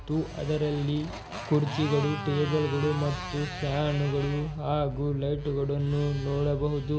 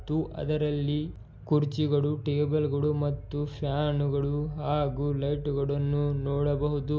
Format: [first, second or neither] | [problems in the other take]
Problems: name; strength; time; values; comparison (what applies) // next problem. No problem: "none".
second | background sound (Motorcycle); 13 dB below the speech